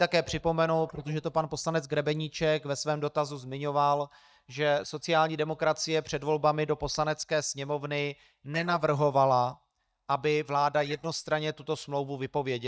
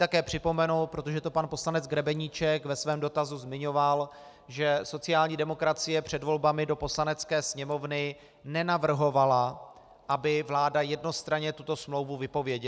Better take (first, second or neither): second